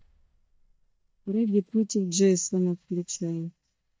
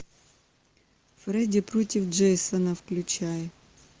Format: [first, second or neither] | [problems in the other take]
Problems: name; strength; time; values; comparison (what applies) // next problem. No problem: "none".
second | noise reduction (neural mask model DeepFilterNet 3)